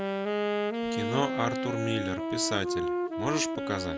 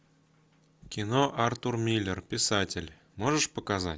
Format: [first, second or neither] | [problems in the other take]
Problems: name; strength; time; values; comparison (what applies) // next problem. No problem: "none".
second | background sound (Wind instrument, woodwind instrument); 2 dB above the speech